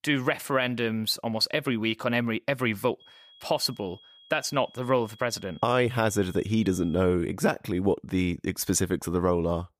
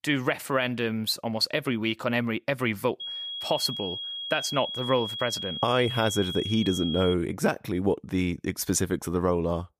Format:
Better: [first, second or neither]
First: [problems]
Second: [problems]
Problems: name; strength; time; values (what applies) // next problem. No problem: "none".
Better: first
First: high-pitched whine; faint; from 3 to 7 s; 3.5 kHz, 25 dB below the speech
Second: high-pitched whine; loud; from 3 to 7 s; 3.5 kHz, 5 dB below the speech